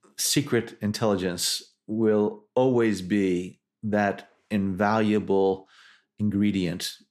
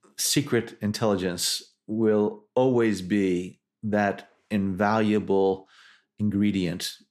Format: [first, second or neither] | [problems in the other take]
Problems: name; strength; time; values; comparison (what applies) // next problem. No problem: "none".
neither | none